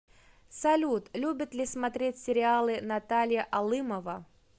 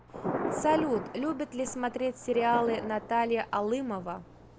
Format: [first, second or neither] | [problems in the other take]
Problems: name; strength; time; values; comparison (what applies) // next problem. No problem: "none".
first | background sound (Thunder); 8 dB below the speech